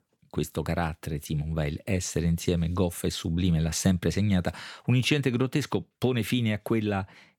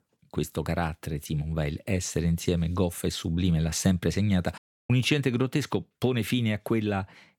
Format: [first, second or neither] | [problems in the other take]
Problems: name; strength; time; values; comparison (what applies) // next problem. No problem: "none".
first | audio cutting out; at 4.5 s